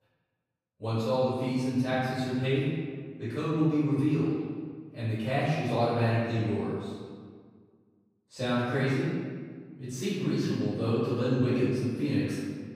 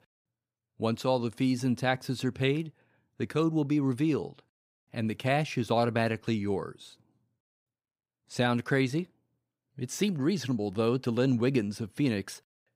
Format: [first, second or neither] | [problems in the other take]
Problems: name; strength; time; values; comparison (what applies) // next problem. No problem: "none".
second | off-mic speech; far // room echo; strong; dies away in 1.5 s